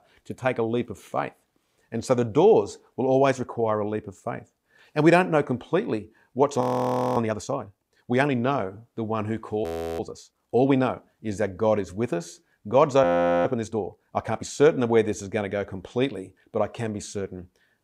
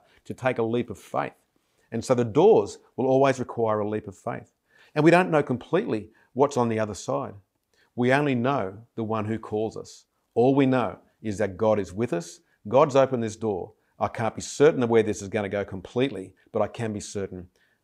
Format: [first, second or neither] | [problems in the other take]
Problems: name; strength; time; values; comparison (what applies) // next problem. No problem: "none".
second | audio freezing; at 6.5 s for 0.5 s, at 9.5 s and at 13 s